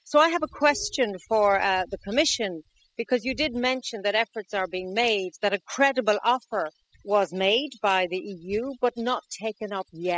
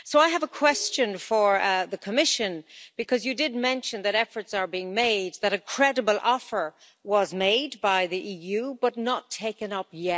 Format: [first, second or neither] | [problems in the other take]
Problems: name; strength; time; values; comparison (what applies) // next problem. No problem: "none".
second | noise reduction (classical method spectral subtraction)